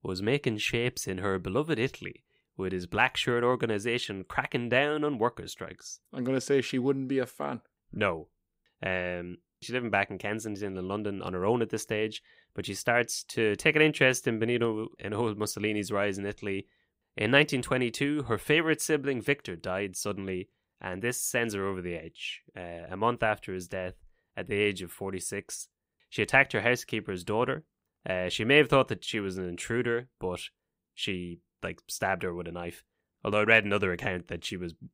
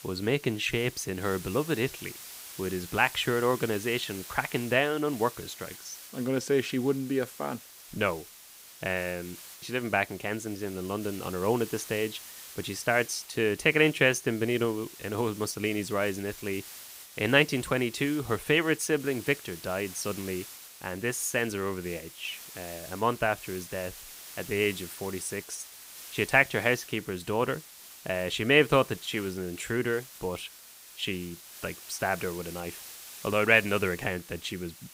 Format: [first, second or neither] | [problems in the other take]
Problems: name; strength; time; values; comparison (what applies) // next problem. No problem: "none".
first | hiss; noticeable; throughout; 15 dB below the speech